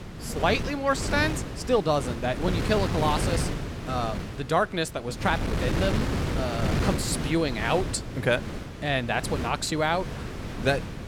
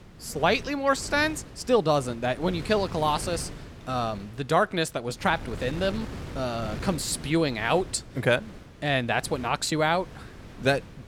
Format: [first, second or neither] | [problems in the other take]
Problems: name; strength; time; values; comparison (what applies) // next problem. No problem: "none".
second | wind noise on the microphone; heavy; 8 dB below the speech; occasional gusts in the second